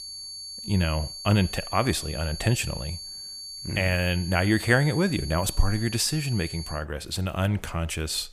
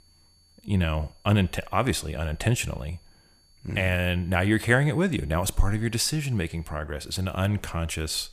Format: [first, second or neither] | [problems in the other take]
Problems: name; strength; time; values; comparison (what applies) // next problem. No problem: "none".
second | high-pitched whine; loud; until 7 s; 4.5 kHz, 10 dB below the speech; faint in the second